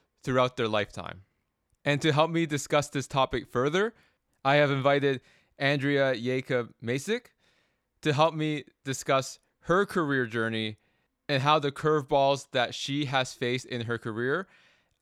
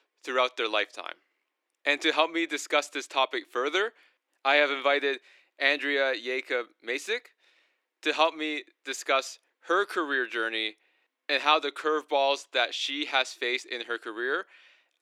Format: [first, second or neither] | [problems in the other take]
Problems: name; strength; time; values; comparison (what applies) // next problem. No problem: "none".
first | thin; somewhat; fading below 300 Hz